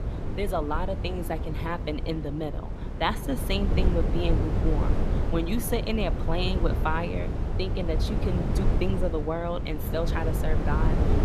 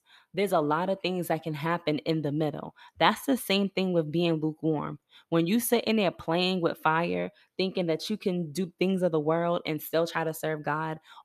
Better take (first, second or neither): second